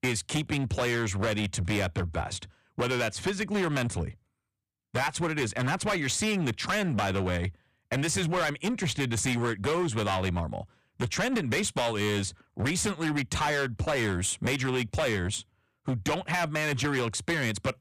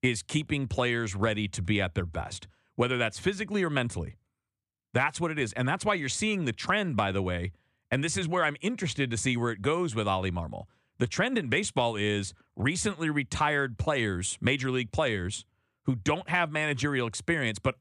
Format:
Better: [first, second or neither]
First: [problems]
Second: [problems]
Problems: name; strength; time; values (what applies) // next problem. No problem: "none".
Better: second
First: distortion; heavy; 16% of the sound clipped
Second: none